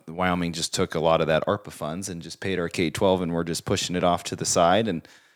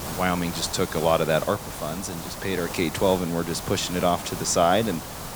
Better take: first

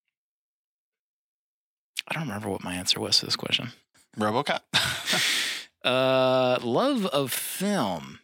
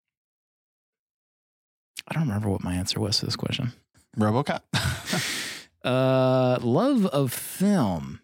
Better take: second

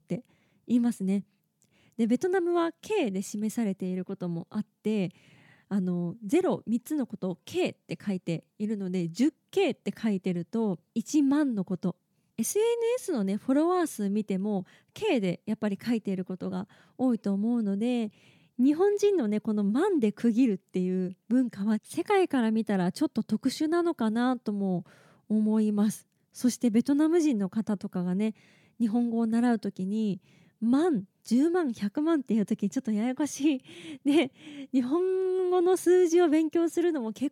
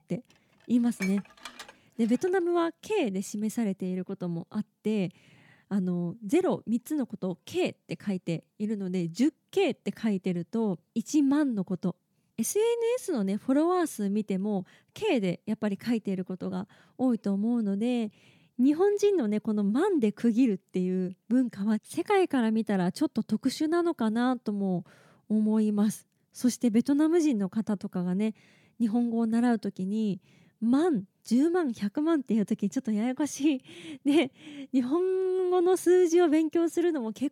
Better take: first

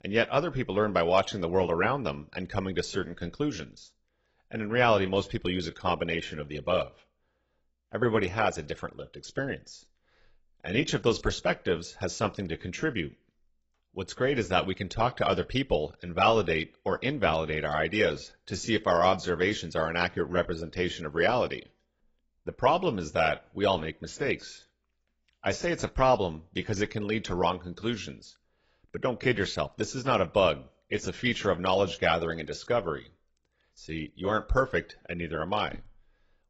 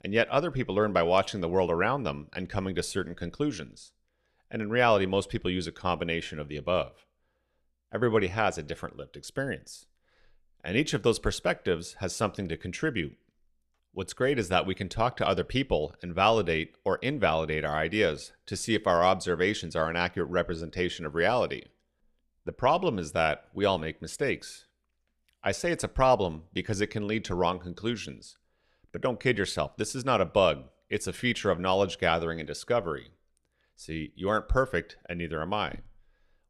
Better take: second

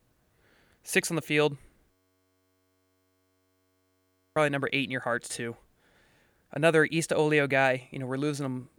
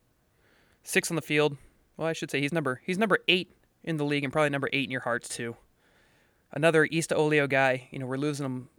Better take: second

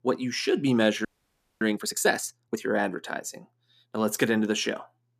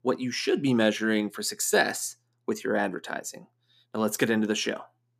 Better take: second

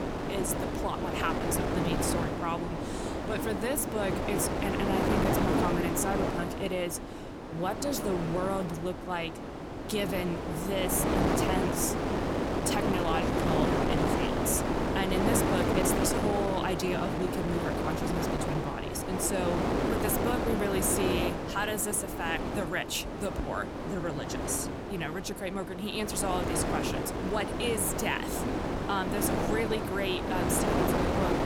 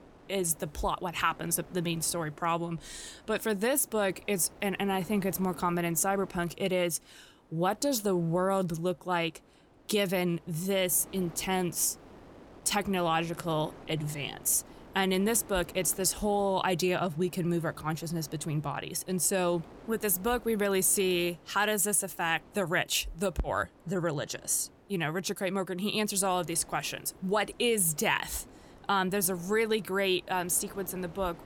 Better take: second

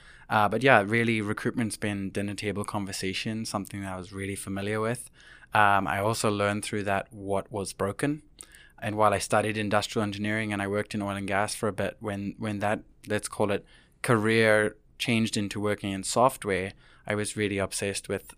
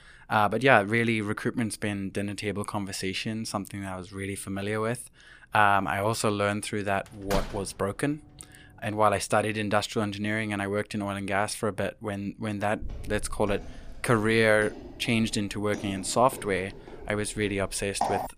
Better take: first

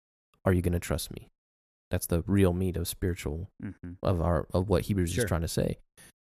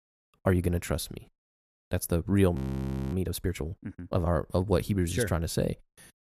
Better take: first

